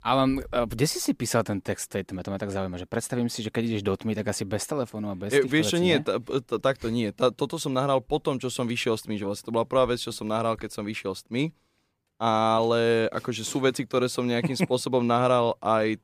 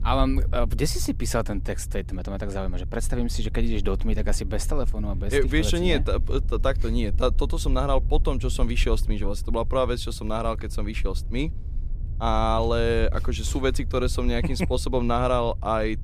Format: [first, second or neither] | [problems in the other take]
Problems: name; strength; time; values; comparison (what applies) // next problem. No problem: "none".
first | low rumble; faint; throughout; 20 dB below the speech